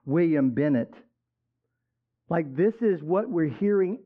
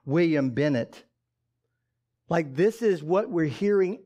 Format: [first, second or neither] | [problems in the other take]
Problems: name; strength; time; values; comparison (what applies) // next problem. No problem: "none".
second | muffled; very; fading above 1.5 kHz